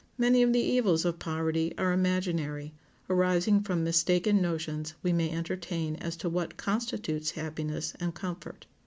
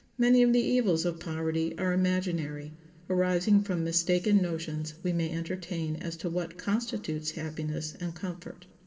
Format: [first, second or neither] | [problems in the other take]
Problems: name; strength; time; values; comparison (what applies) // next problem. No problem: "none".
first | room echo; dies away in 2 s